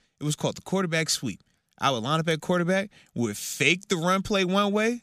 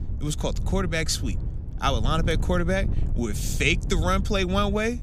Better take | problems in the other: first | wind noise on the microphone; occasional gusts; 15 dB below the speech

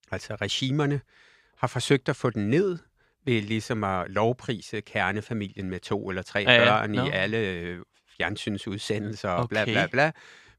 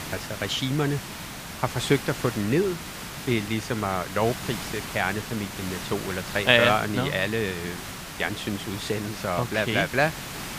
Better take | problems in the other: first | hiss; loud; throughout; 9 dB below the speech

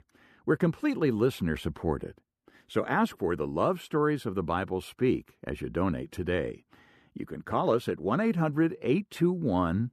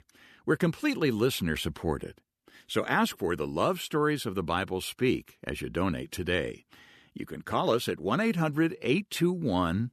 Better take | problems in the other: second | muffled; slightly; fading above 2 kHz

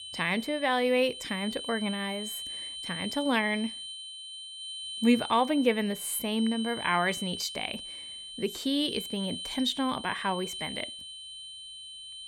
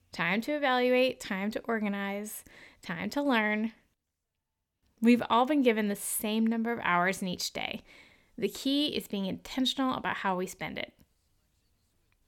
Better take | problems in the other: second | high-pitched whine; loud; throughout; 3 kHz, 8 dB below the speech

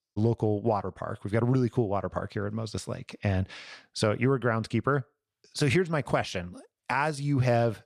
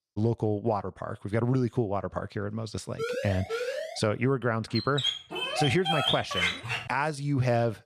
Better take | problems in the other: first | siren; noticeable; from 3 to 4 s; peak 3 dB below the speech // dog barking; loud; from 5 to 7 s; peak 3 dB above the speech

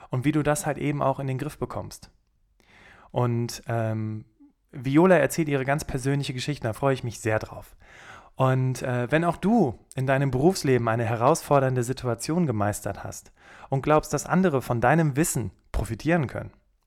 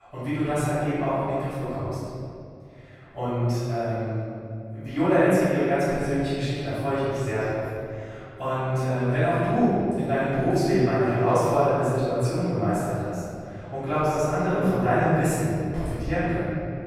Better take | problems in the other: first | off-mic speech; far // room echo; strong; dies away in 2.4 s

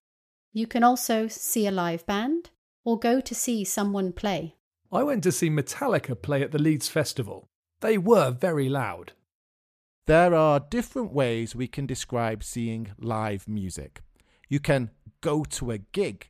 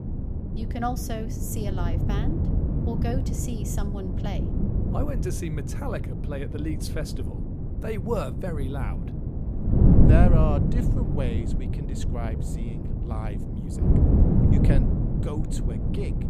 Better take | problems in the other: first | wind noise on the microphone; heavy; 1 dB below the speech

